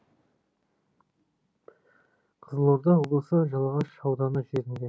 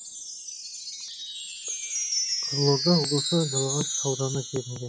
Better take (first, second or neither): first